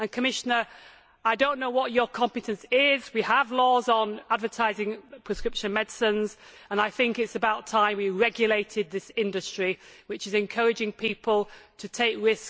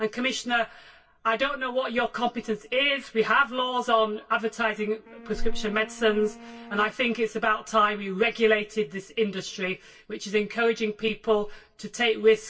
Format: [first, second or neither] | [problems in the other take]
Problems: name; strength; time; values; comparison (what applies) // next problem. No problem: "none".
first | noise reduction (neural separator model SepFormer DNS4)